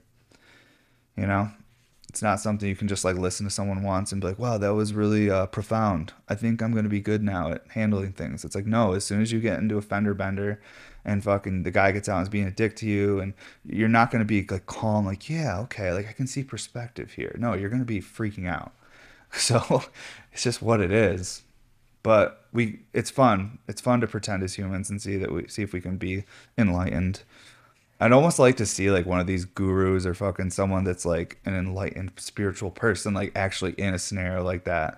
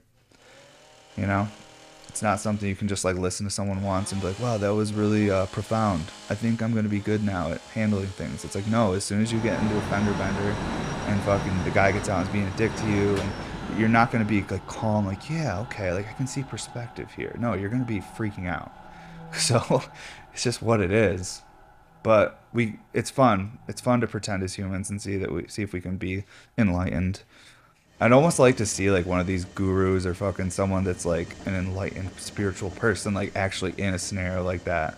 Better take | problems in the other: first | machinery noise; noticeable; throughout; 10 dB below the speech

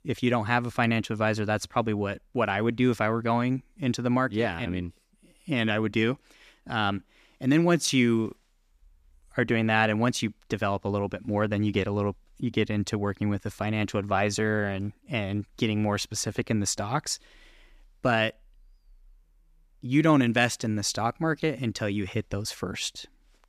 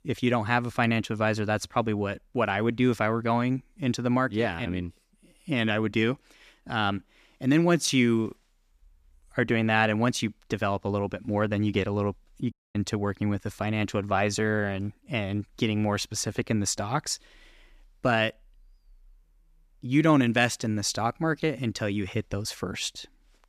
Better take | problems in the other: first | audio cutting out; at 13 s

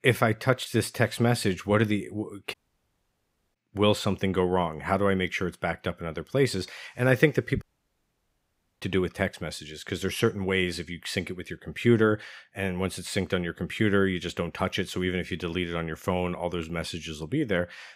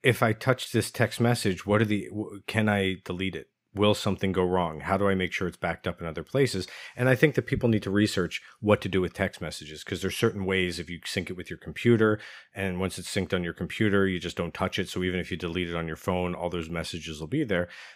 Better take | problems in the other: second | audio cutting out; at 2.5 s for 1 s and at 7.5 s for 1 s

